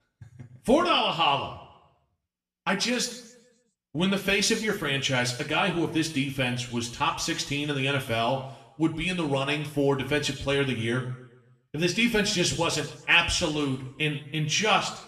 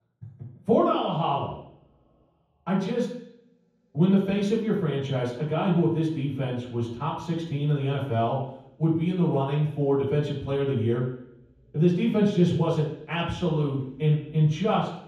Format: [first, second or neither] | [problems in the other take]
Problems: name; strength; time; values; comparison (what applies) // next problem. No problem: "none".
first | room echo; strong; dies away in 0.9 s; slight in the first // off-mic speech; far; somewhat distant in the first